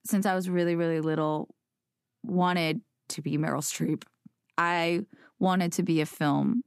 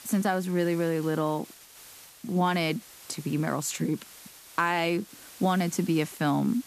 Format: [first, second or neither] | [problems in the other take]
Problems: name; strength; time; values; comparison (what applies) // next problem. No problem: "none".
first | hiss; noticeable; throughout; 20 dB below the speech